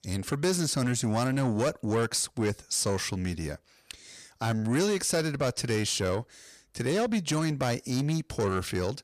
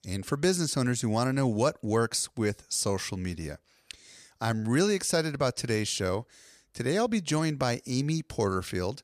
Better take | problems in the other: second | distortion; slight; 10 dB below the speech

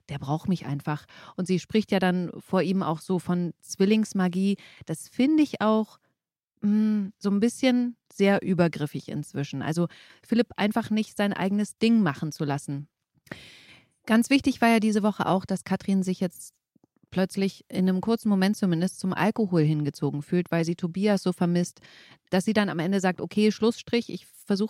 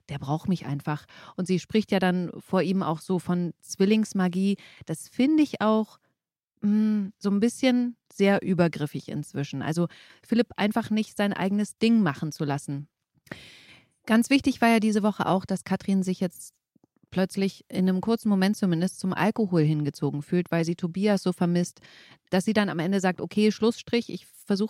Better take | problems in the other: neither | none

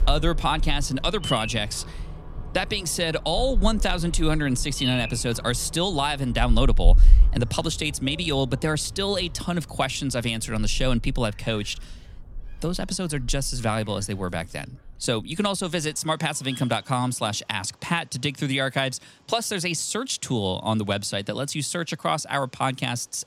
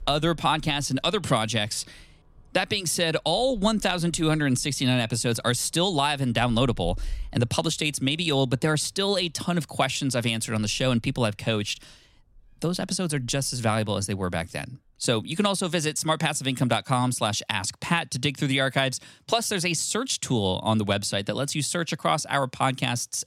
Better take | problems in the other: second | animal sounds; loud; throughout; 4 dB below the speech; faint in the second

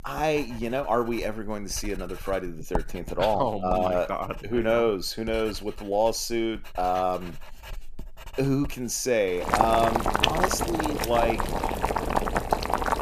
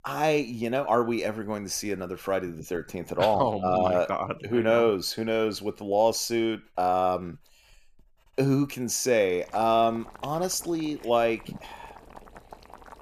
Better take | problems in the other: second | household noises; loud; throughout; 1 dB below the speech; faint in the second

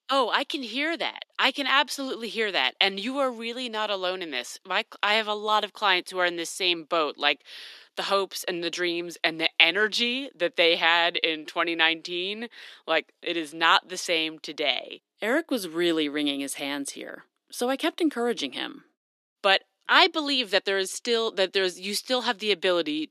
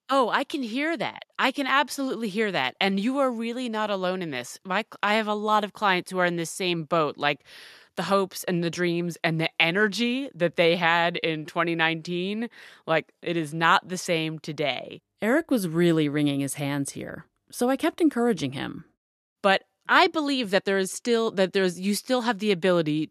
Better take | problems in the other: second | thin; very slightly; fading below 250 Hz

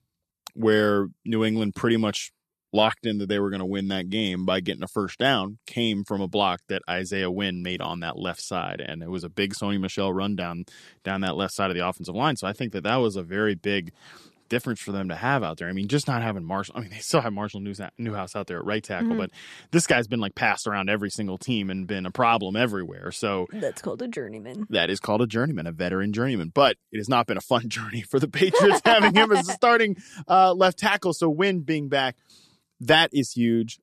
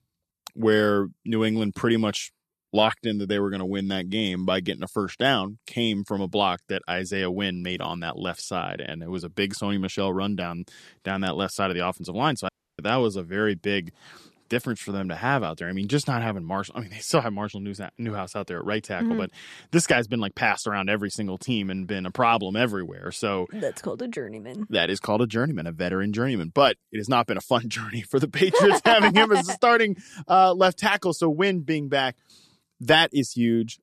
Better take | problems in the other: first | audio cutting out; at 12 s

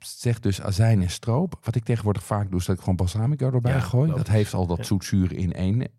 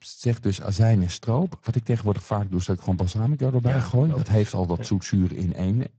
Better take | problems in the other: first | garbled, watery; badly; nothing above 7.5 kHz

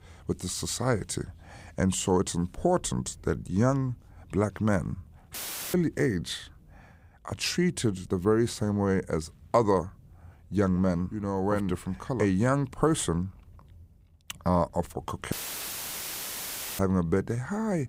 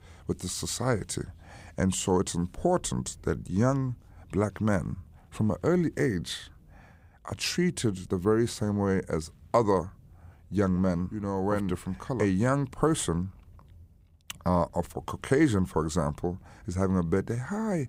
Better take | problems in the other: second | audio cutting out; filled with static; at 5.5 s and at 15 s for 1.5 s

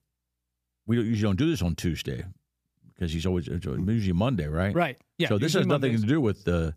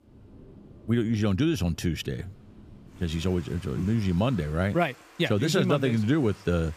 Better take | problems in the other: first | rain or running water; faint; throughout; 25 dB below the speech

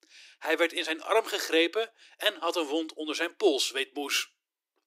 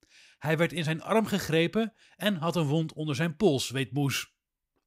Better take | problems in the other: second | thin; very; fading below 300 Hz

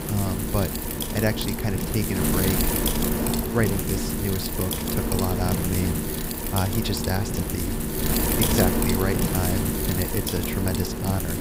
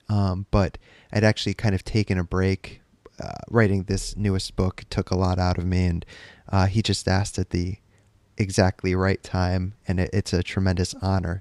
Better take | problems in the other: second | wind noise on the microphone; heavy; 2 dB above the speech

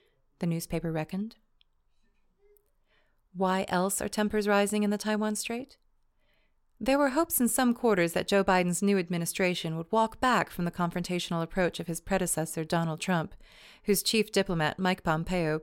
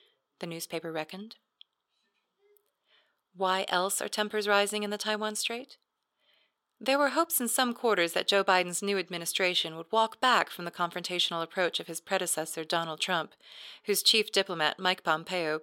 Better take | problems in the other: first | thin; somewhat; fading below 350 Hz

